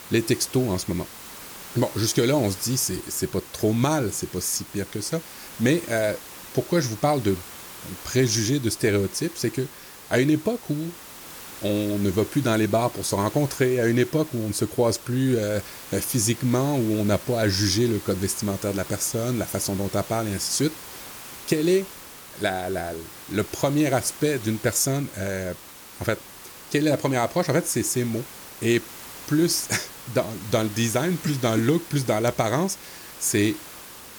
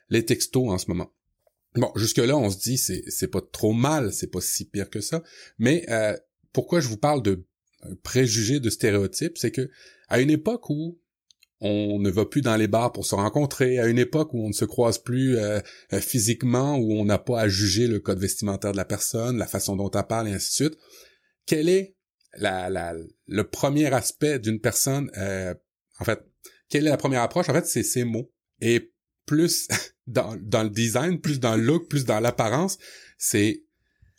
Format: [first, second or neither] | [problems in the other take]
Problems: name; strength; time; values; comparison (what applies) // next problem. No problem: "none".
second | hiss; noticeable; throughout; 15 dB below the speech